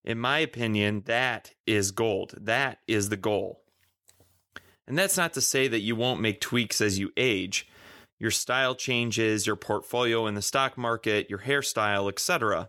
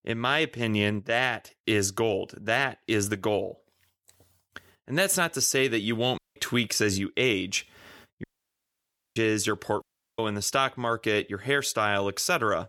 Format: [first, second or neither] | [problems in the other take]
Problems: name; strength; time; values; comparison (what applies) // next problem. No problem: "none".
first | audio cutting out; at 6 s, at 8 s for 1 s and at 10 s